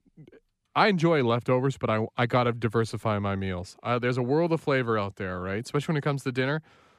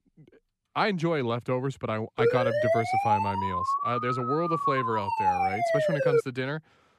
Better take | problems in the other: first | siren; loud; from 2 to 6 s; peak 6 dB above the speech

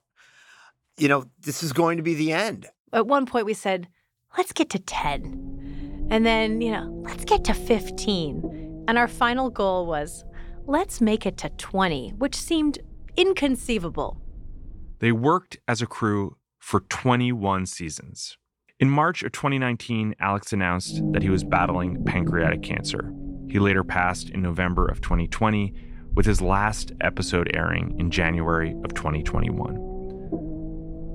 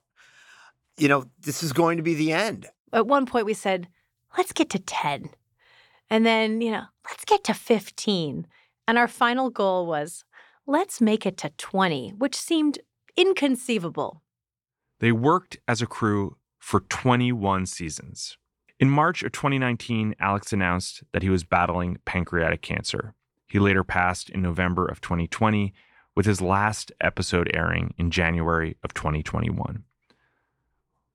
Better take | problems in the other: second | low rumble; noticeable; from 5 to 15 s and from 21 s on; 15 dB below the speech

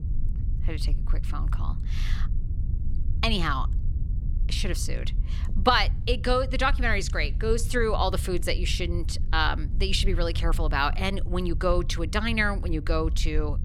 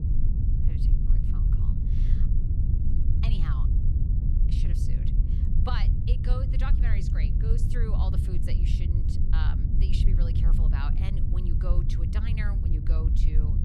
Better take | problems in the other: first | low rumble; loud; throughout; 1 dB below the speech; faint in the first

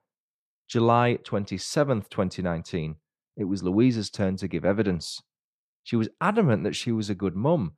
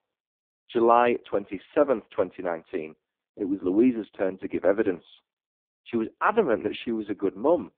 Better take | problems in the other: first | phone-call audio; poor line

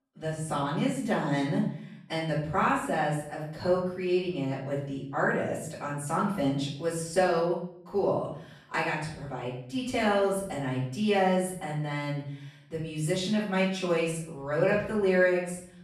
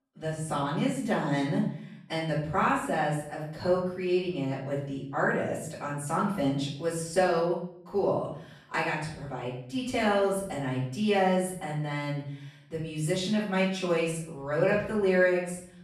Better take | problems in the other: neither | off-mic speech; far; the same in both // room echo; noticeable; dies away in 0.6 s; the same in both

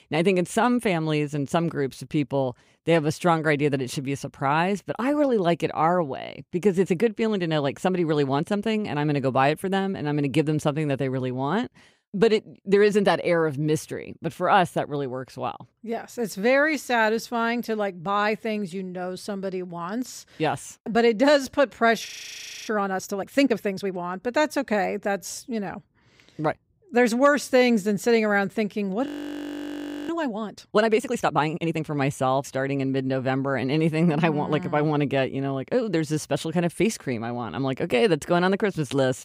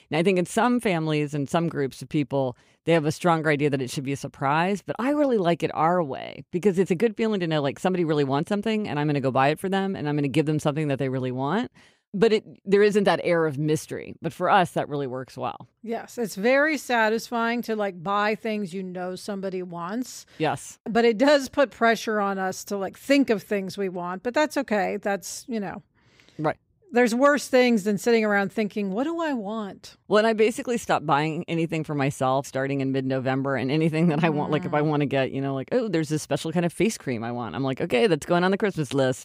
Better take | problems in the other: second | audio freezing; at 22 s for 0.5 s and at 29 s for 1 s

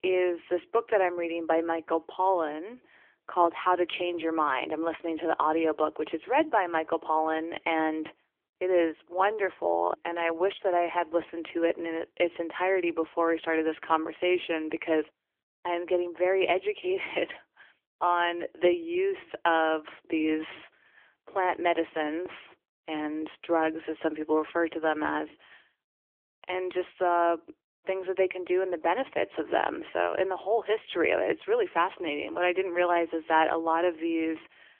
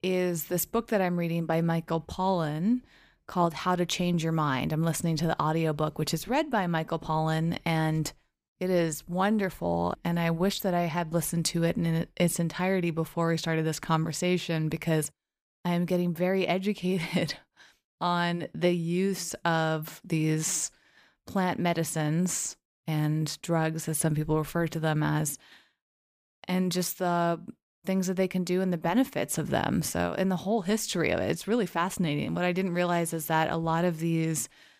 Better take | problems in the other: second | phone-call audio; nothing above 3.5 kHz

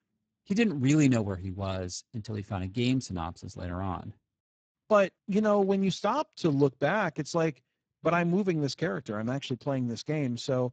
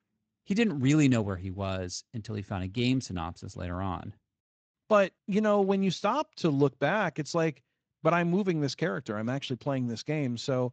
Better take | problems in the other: second | garbled, watery; badly; nothing above 7.5 kHz; slightly in the second

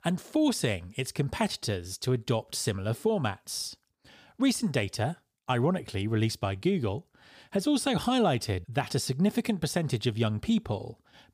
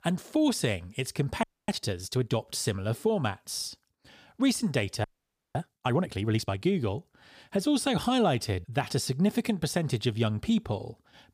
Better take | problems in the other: first | audio freezing; at 1.5 s and at 5 s for 0.5 s

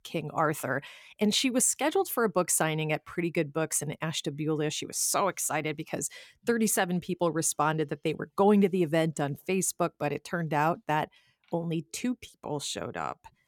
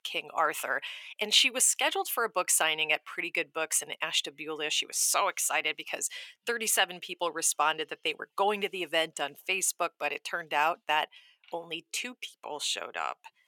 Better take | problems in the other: first | thin; very; fading below 650 Hz

